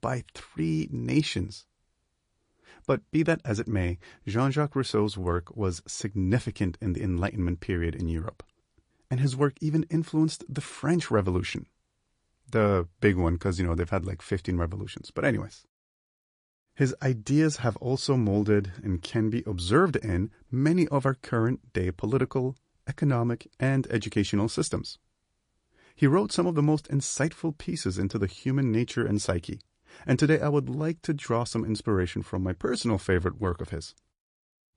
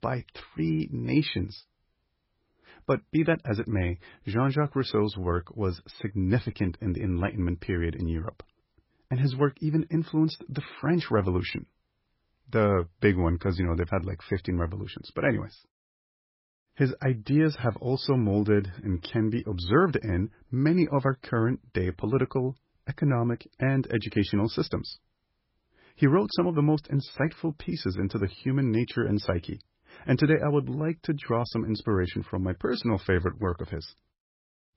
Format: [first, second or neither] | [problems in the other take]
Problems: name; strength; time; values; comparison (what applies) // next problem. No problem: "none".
first | garbled, watery; badly; nothing above 5.5 kHz; slightly in the first